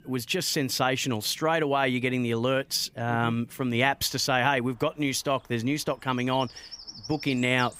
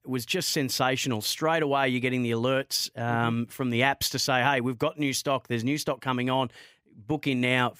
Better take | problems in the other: second | animal sounds; faint; throughout; 20 dB below the speech

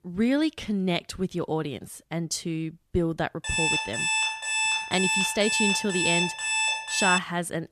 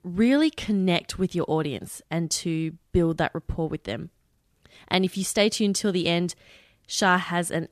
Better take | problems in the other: second | alarm; loud; from 3.5 to 7 s; peak 5 dB above the speech

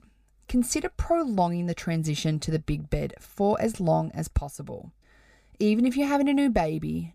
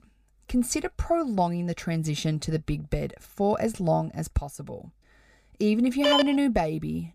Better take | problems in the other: first | phone ringing; loud; at 6 s; peak 4 dB above the speech

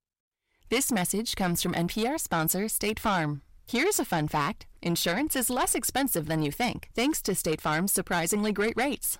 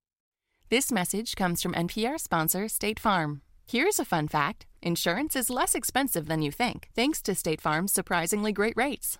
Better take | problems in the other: second | distortion; slight; 10 dB below the speech

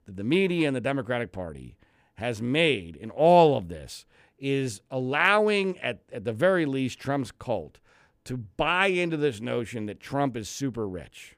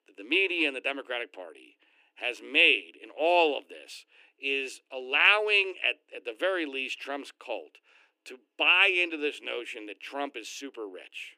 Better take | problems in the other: first | thin; somewhat; fading below 300 Hz

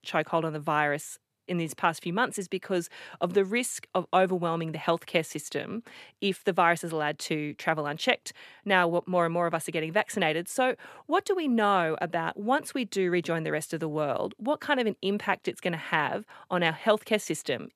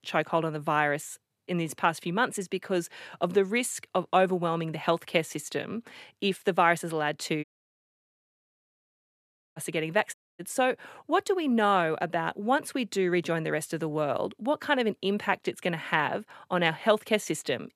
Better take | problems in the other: first | audio cutting out; at 7.5 s for 2 s and at 10 s

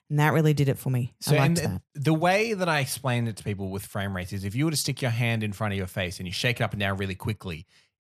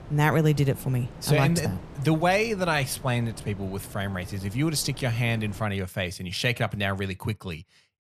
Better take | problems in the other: first | wind noise on the microphone; occasional gusts; until 5.5 s; 20 dB below the speech

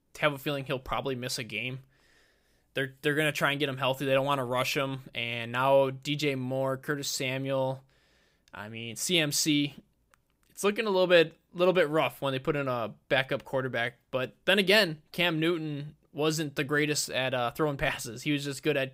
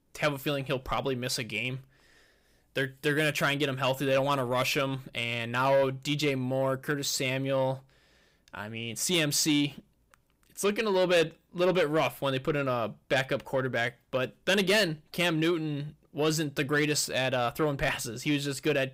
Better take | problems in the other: first | distortion; slight; 10 dB below the speech

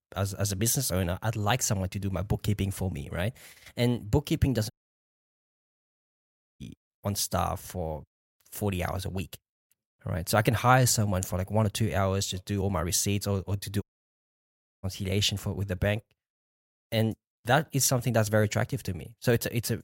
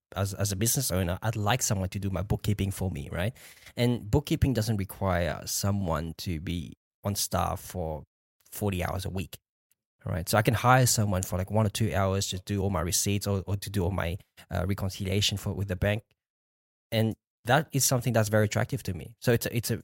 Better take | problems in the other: second | audio cutting out; at 4.5 s for 2 s and at 14 s for 1 s

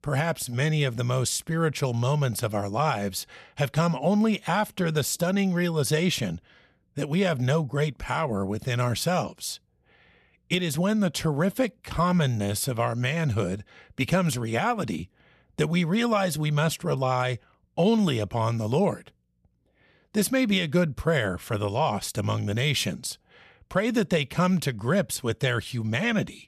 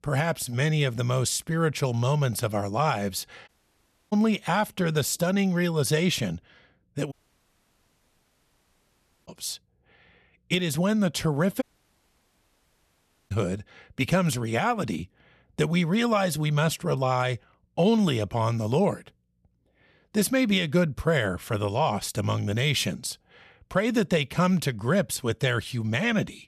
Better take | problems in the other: first | audio cutting out; at 3.5 s for 0.5 s, at 7 s for 2 s and at 12 s for 1.5 s

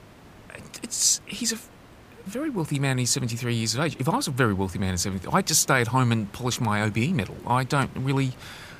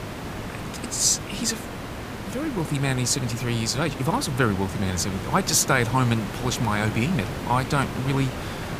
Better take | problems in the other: first | hiss; loud; throughout; 9 dB below the speech; faint in the first

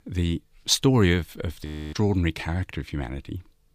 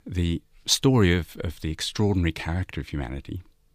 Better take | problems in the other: second | audio freezing; at 1.5 s

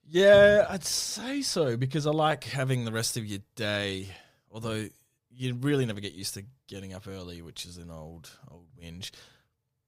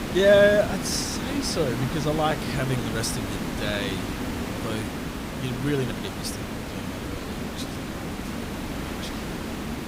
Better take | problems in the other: first | hiss; loud; throughout; 6 dB below the speech

